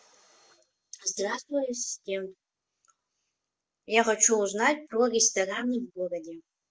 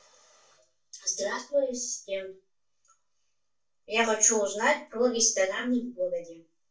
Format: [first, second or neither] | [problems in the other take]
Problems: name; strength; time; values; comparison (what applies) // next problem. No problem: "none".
first | room echo; dies away in 0.2 s